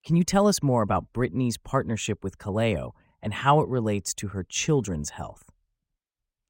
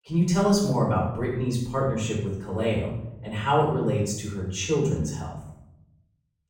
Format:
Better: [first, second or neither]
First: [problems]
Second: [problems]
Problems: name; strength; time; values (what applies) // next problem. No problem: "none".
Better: first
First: none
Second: off-mic speech; far // room echo; noticeable; dies away in 0.7 s